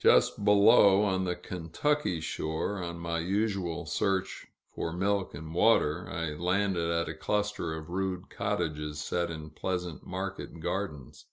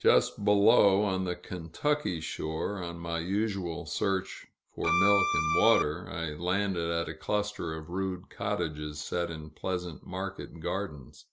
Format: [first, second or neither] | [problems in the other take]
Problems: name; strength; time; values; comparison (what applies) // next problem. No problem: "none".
first | background sound (Bowed string instrument); 2 dB above the speech